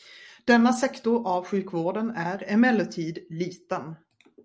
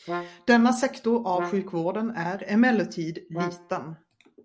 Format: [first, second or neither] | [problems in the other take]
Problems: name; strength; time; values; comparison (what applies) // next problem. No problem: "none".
first | background sound (Brass instrument); 11 dB below the speech